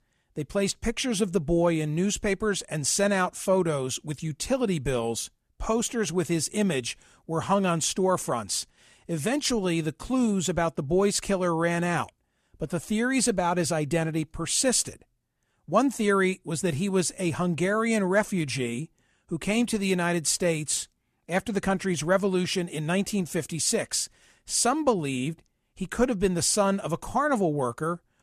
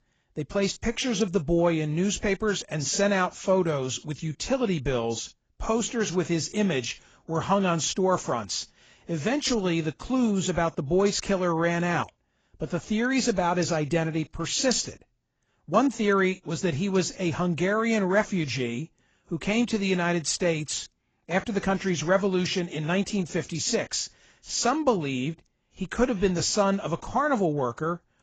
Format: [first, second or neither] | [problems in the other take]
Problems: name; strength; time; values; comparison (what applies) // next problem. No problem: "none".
first | garbled, watery; badly; nothing above 7.5 kHz